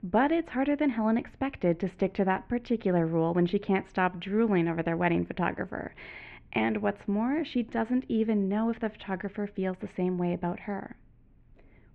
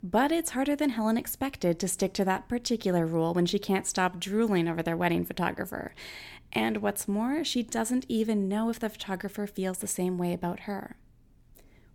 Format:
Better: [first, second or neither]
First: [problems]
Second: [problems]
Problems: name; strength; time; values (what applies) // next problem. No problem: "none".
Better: second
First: muffled; very; fading above 2.5 kHz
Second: none